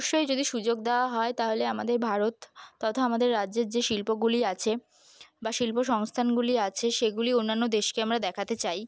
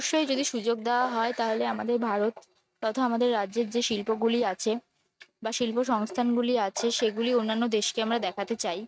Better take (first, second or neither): first